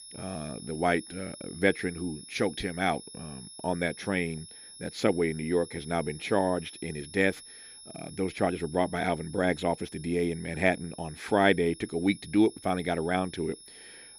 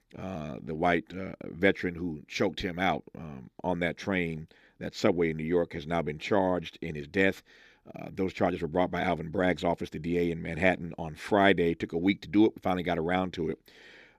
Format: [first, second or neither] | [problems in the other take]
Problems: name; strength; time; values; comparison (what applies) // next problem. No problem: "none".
second | high-pitched whine; noticeable; throughout; 10.5 kHz, 15 dB below the speech